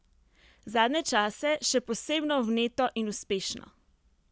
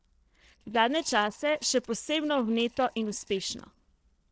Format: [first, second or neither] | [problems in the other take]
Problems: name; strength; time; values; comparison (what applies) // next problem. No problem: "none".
first | noise reduction (neural separator model SepFormer DNS4)